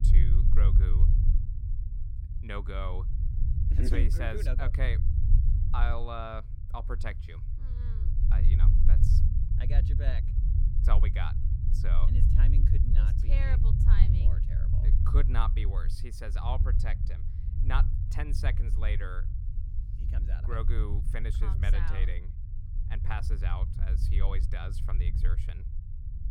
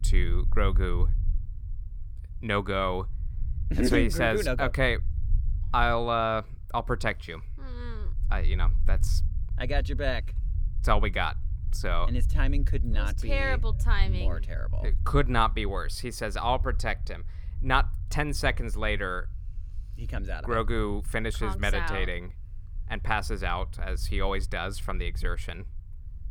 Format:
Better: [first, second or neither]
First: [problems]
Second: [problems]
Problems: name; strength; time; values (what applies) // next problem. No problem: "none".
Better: second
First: low rumble; loud; throughout; 6 dB below the speech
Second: low rumble; faint; throughout; 25 dB below the speech